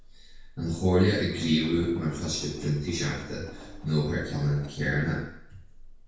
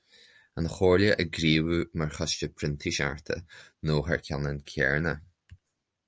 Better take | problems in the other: second | background sound (Engine); 17 dB below the speech // room echo; dies away in 0.6 s

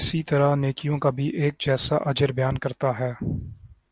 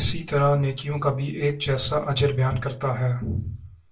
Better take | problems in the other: first | room echo; dies away in 0.2 s

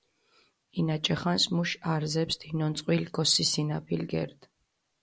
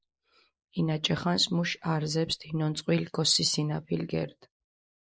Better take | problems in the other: first | noise reduction (neural mask model Resemble Enhance denoiser)

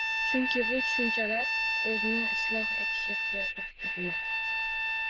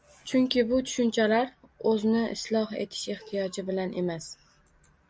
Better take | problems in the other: second | noise reduction (neural diffusion model UNIVERSE++)

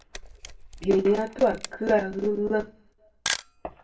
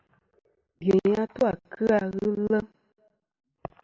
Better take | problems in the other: second | background sound (Camera); 12 dB below the speech // room echo; dies away in 0.2 s

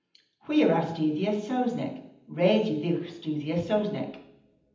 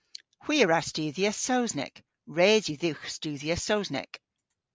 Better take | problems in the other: second | room echo; dies away in 0.8 s

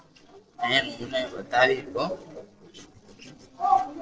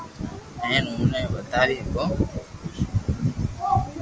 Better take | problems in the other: second | noise reduction (neural separator model SepFormer DNS4)

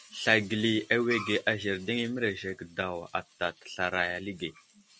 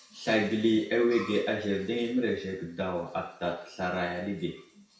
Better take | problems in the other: first | room echo; dies away in 0.6 s

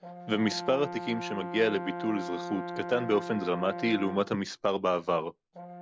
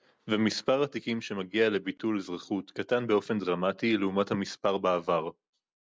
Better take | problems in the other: second | background sound (Brass instrument); 9 dB below the speech

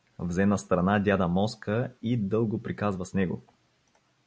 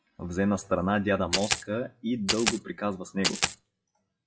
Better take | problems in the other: first | noise reduction (classical method WPE with log-MMSE)

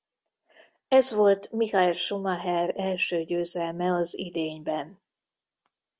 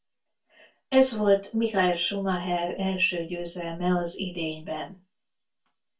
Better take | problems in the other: first | room echo; dies away in 0.2 s

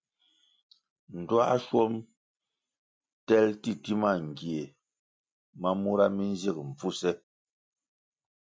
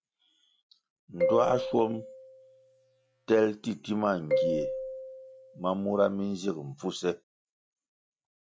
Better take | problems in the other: first | background sound (Marimba, xylophone); 2 dB below the speech

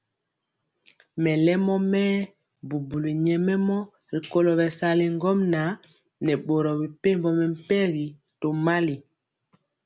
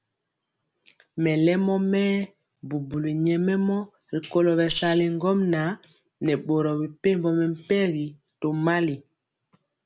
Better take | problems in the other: first | background sound (Rattle (instrument)); 8 dB below the speech

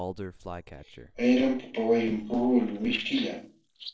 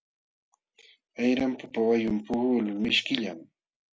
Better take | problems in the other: second | noise reduction (neural separator model SepFormer DNS4)

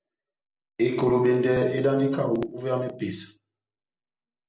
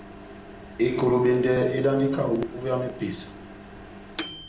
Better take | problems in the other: first | background sound (Microwave oven); 15 dB below the speech

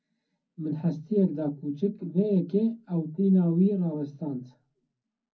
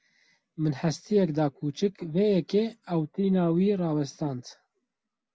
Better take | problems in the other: second | room echo; dies away in 0.4 s

